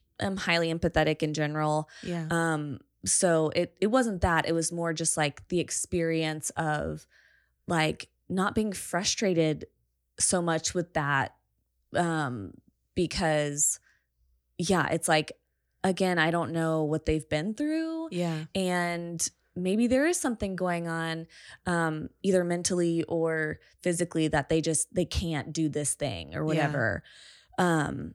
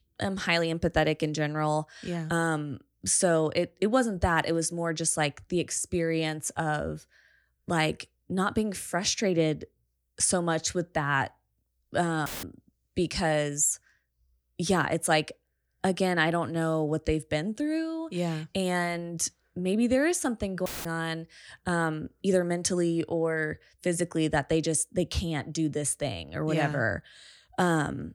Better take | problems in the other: first | audio cutting out; filled with static; at 12 s and at 21 s

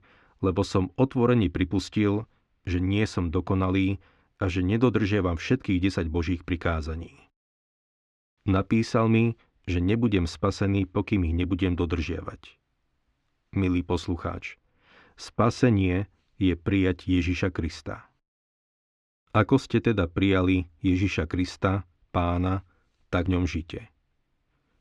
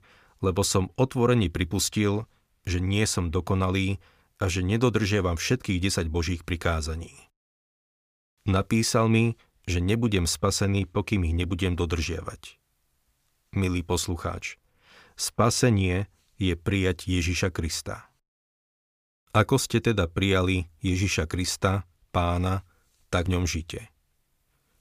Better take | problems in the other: second | muffled; slightly; fading above 3 kHz

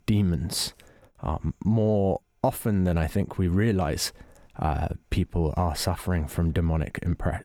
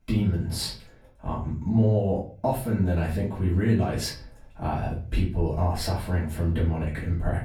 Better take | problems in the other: first | off-mic speech; far // room echo; slight; dies away in 0.4 s

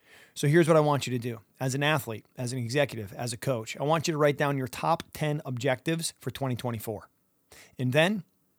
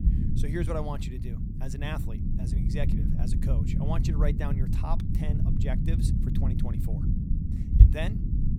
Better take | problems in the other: first | low rumble; loud; throughout; 2 dB below the speech

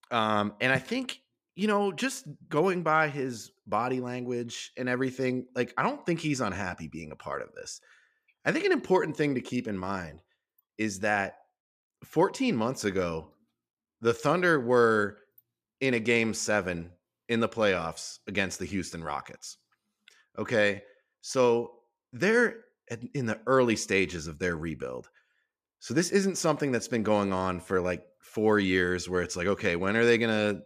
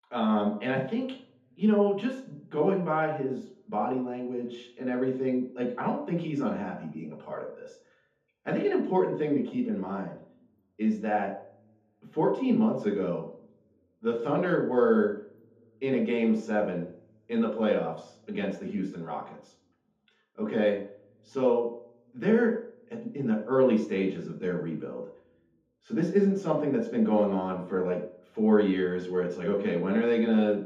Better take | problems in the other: first | room echo; noticeable; dies away in 0.6 s // off-mic speech; far

